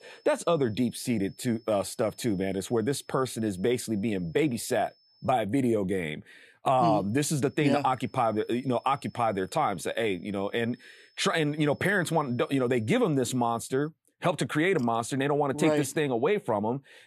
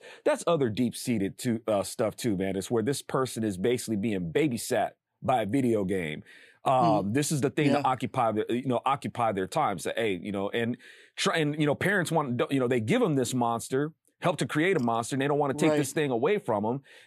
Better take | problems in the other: second | high-pitched whine; faint; until 5.5 s and from 7 to 14 s; 5.5 kHz, 35 dB below the speech

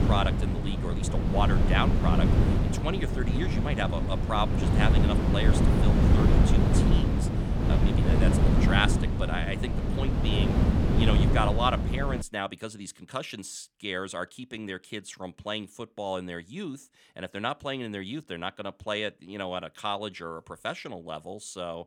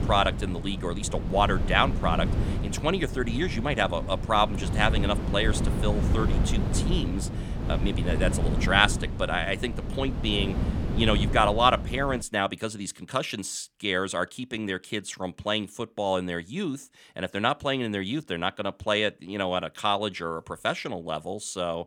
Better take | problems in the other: second | wind noise on the microphone; heavy; until 12 s; 1 dB below the speech; occasional gusts in the second

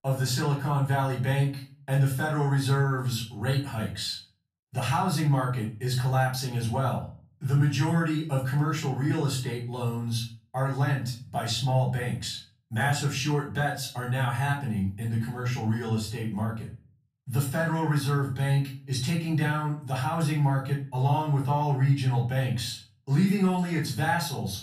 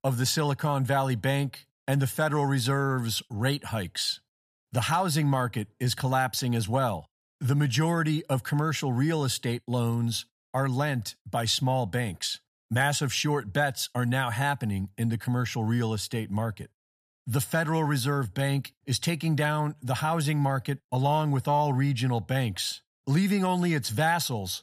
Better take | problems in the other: second | off-mic speech; far // room echo; slight; dies away in 0.4 s

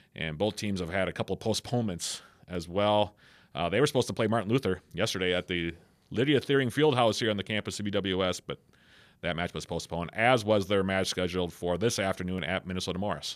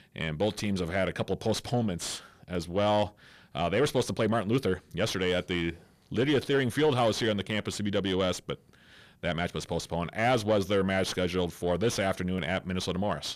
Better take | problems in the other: first | distortion; slight; 10 dB below the speech

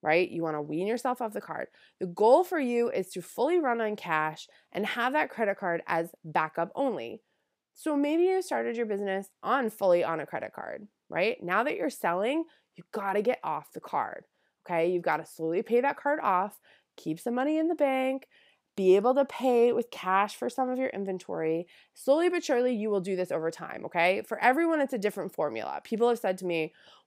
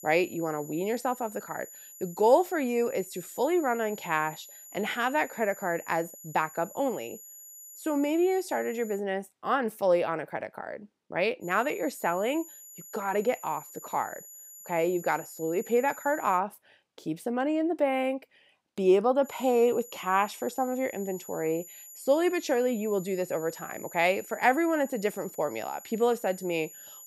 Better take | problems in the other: first | high-pitched whine; noticeable; until 9 s, from 11 to 16 s and from 19 s on; 7 kHz, 15 dB below the speech

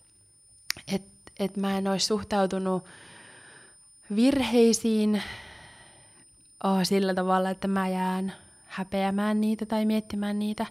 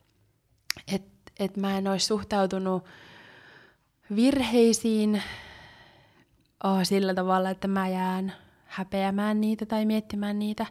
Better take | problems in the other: second | high-pitched whine; faint; throughout; 9 kHz, 25 dB below the speech

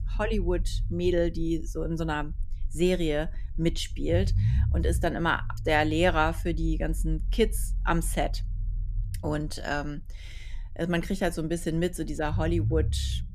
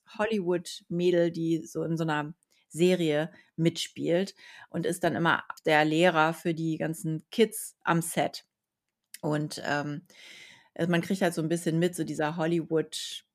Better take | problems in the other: second | low rumble; noticeable; throughout; 20 dB below the speech

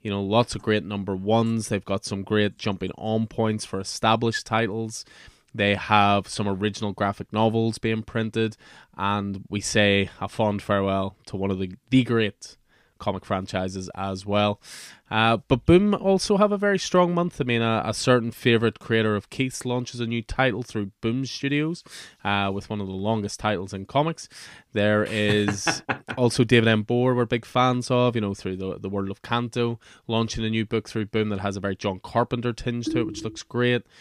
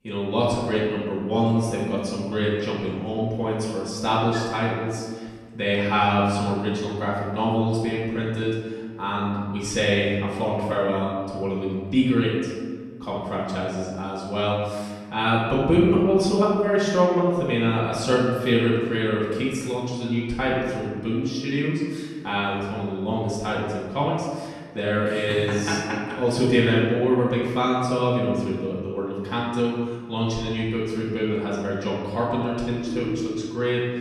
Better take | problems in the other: first | room echo; noticeable; dies away in 1.4 s // off-mic speech; far

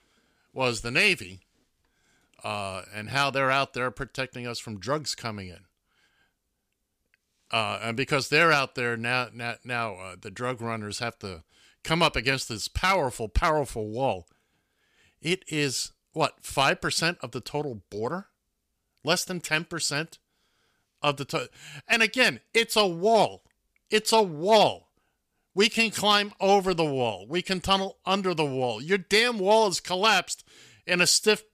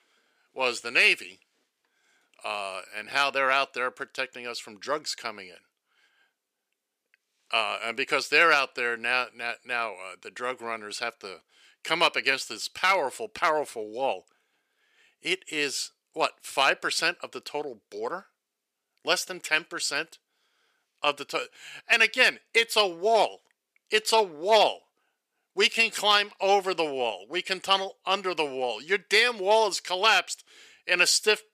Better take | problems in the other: first | thin; somewhat; fading below 400 Hz

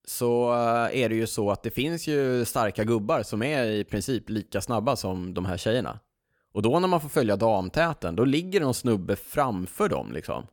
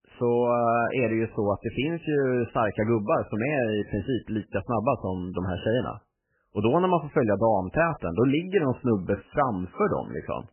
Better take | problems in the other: first | garbled, watery; badly; nothing above 3 kHz

